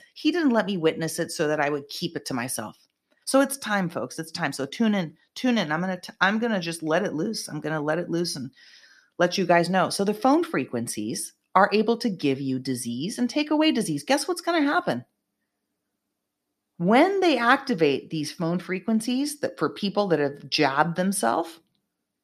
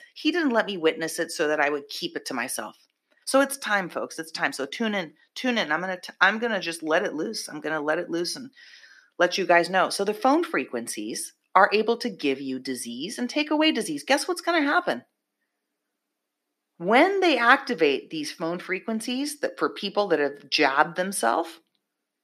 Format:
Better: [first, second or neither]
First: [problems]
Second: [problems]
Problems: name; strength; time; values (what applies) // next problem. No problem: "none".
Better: first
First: none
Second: thin; very slightly; fading below 350 Hz